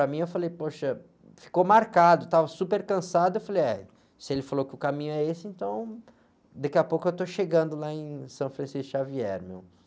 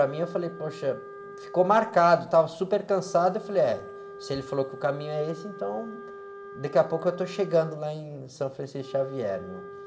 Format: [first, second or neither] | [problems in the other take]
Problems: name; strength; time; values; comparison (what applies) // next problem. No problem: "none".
first | background sound (Wind instrument, woodwind instrument); 16 dB below the speech // room echo; dies away in 2.1 s